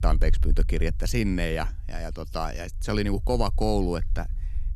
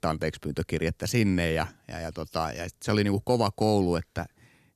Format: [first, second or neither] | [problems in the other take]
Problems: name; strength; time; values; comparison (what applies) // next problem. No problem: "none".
second | low rumble; faint; throughout; 25 dB below the speech